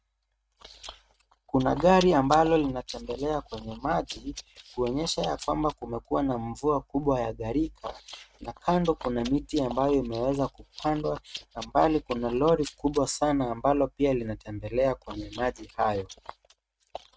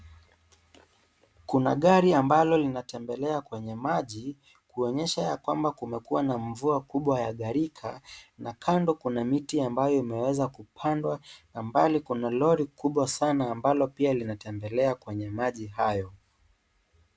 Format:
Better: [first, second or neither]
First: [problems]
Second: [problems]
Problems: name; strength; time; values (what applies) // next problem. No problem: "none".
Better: second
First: noise reduction (neural mask model RNNoise)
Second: none